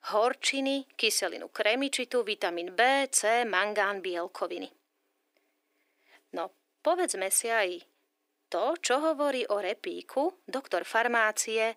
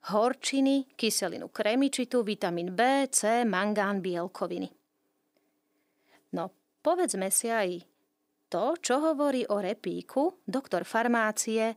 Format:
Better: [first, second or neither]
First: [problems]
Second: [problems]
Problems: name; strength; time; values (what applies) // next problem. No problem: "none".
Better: second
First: thin; somewhat; fading below 300 Hz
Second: none